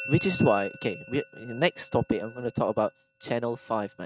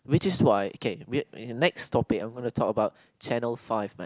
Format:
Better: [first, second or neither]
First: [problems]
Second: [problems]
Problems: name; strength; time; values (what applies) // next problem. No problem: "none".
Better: second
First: noise reduction (neural mask model RNNoise)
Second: none